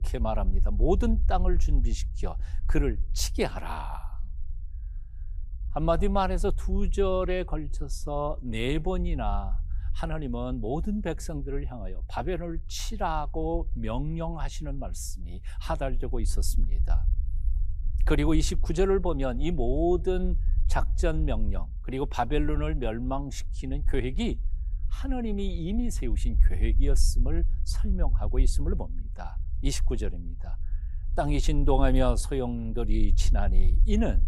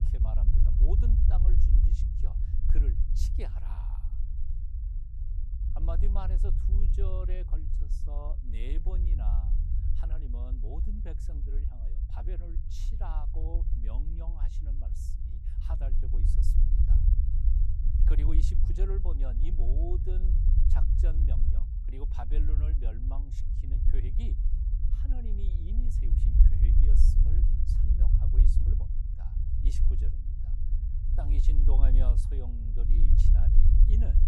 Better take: first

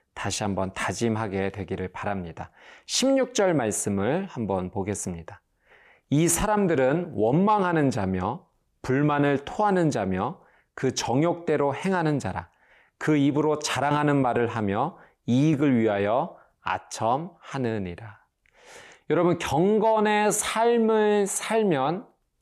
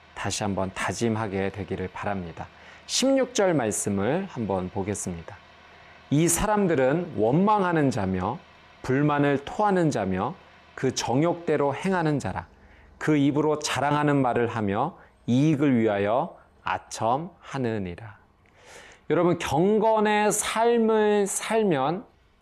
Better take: first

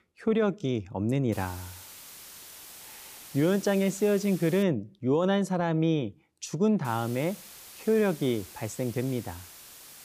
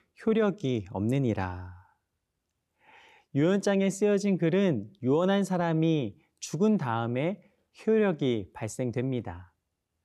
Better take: second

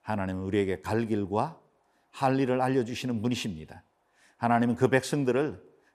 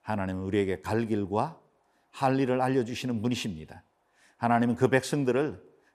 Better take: neither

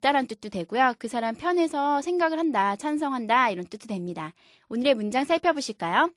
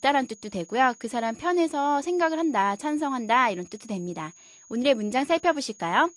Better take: first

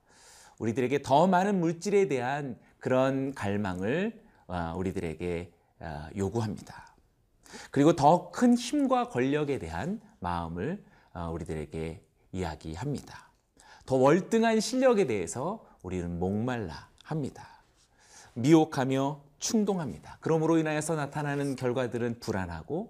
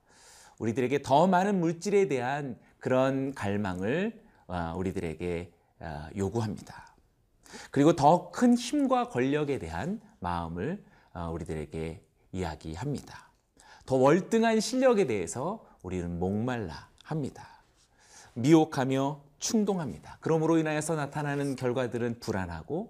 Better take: neither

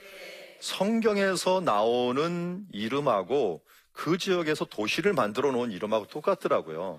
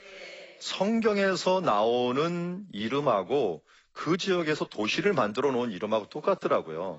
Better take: first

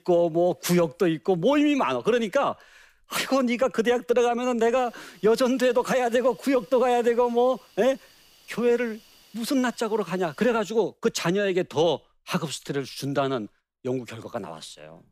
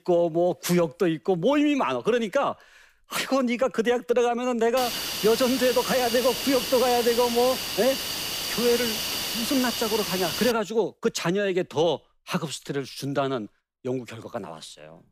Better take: first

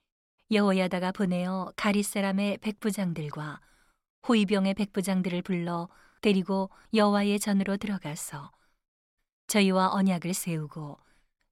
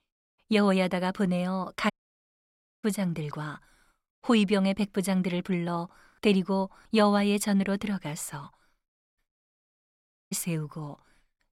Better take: first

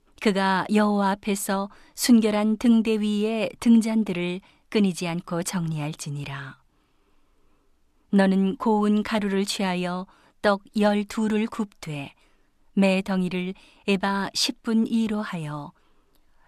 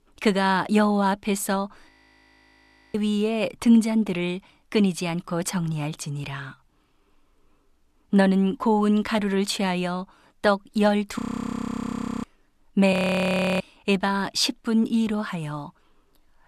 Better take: first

